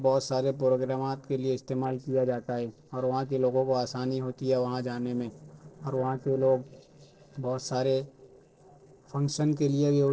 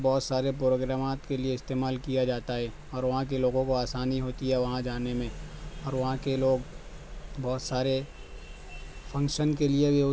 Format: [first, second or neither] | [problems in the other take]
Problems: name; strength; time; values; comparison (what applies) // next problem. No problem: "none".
second | noise reduction (neural separator model SepFormer DNS4)